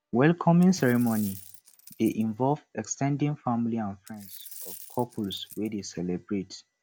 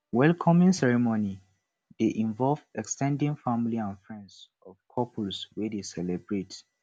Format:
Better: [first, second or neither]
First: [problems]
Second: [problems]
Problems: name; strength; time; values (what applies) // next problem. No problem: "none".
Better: second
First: background sound (Coin (dropping)); 19 dB below the speech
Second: none